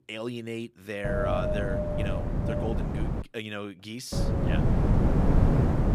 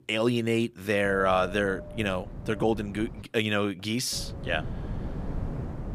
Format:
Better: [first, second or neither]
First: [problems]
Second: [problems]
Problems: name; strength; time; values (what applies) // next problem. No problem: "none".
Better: second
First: wind noise on the microphone; heavy; from 1 to 3 s and from 4 s on; 4 dB above the speech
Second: wind noise on the microphone; occasional gusts; from 1 to 3 s and from 4 s on; 15 dB below the speech